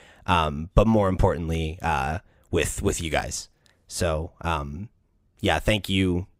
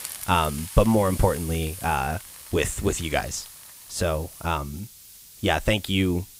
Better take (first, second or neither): first